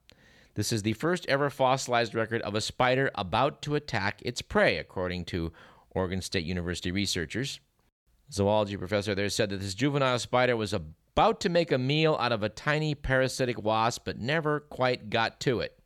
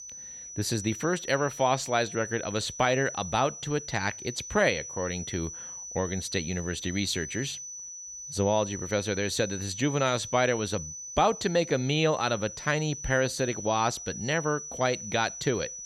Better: first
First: none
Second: high-pitched whine; loud; throughout; 6 kHz, 9 dB below the speech

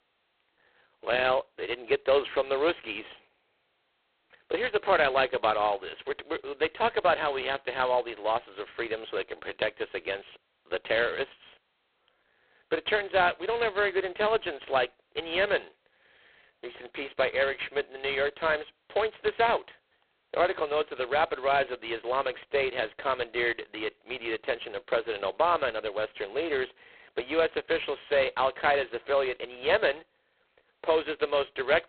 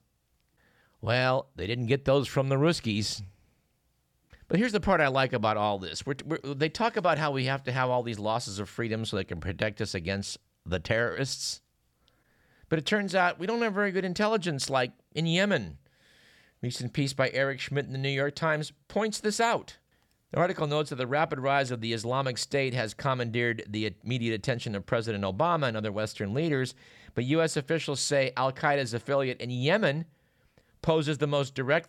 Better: second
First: phone-call audio; poor line; nothing above 4 kHz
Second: none

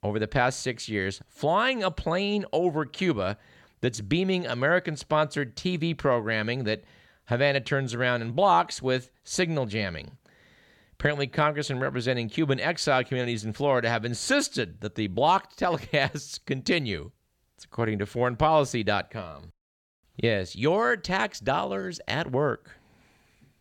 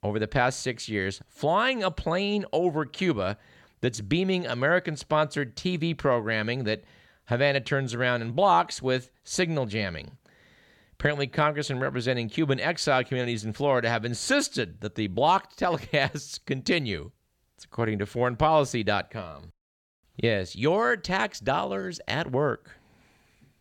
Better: neither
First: none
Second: none

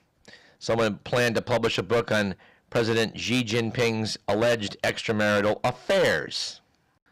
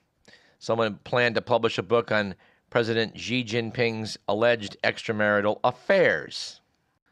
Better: second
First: distortion; heavy; 12% of the sound clipped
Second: none

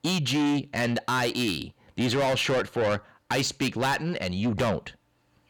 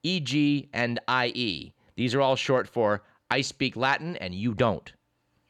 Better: second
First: distortion; heavy; 6 dB below the speech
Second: none

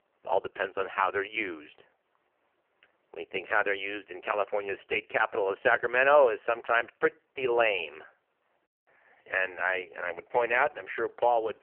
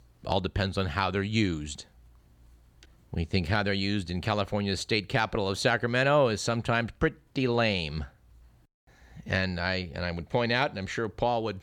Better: second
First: phone-call audio; poor line; nothing above 3 kHz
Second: none

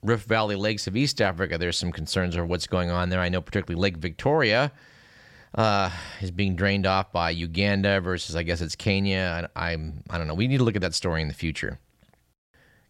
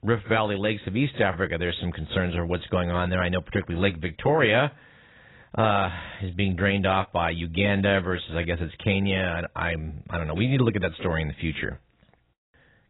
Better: first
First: none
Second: garbled, watery; badly; nothing above 4 kHz

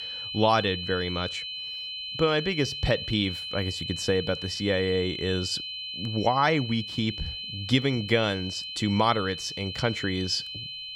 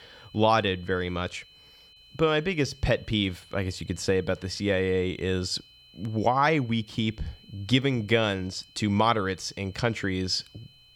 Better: second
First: high-pitched whine; loud; throughout; 3 kHz, 6 dB below the speech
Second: high-pitched whine; faint; throughout; 3 kHz, 25 dB below the speech

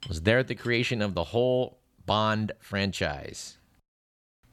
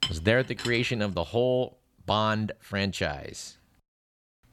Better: first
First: household noises; faint; until 1 s; 25 dB below the speech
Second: household noises; loud; until 1 s; 8 dB below the speech

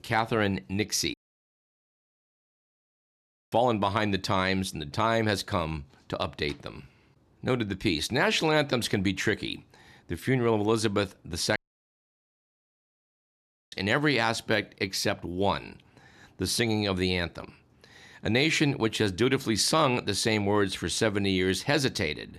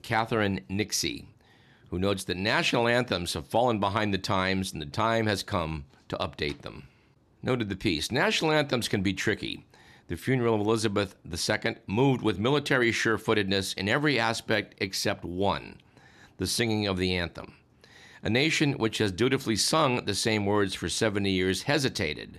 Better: second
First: audio cutting out; at 1 s for 2.5 s and at 12 s for 2 s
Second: none

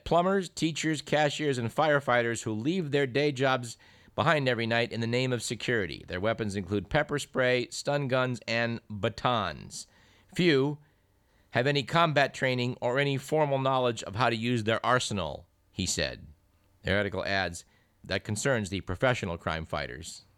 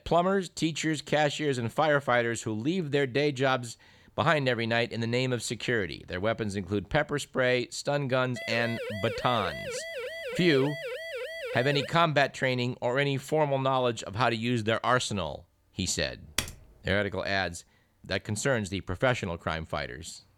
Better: first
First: none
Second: siren; noticeable; from 8.5 to 12 s; peak 7 dB below the speech // keyboard typing; noticeable; at 16 s; peak 5 dB below the speech

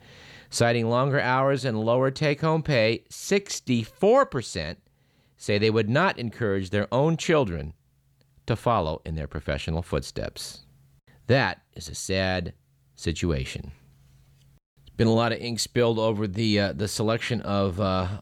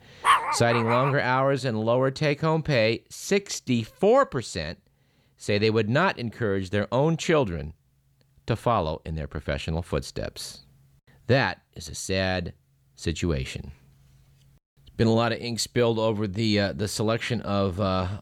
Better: first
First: none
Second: dog barking; loud; at the start; peak 4 dB above the speech

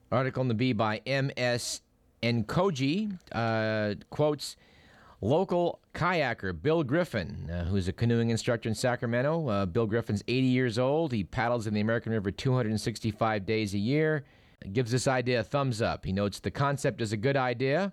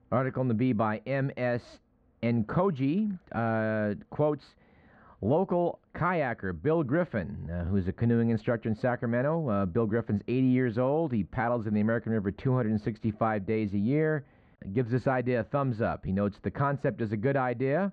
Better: first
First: none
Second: muffled; very; fading above 1.5 kHz

